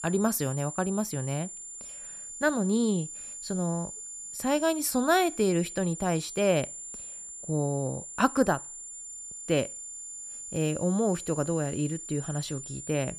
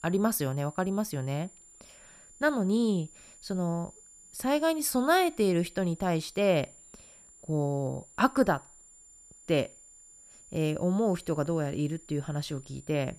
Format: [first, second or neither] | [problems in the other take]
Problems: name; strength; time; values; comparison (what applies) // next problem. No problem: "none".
second | high-pitched whine; loud; throughout; 7 kHz, 9 dB below the speech; faint in the second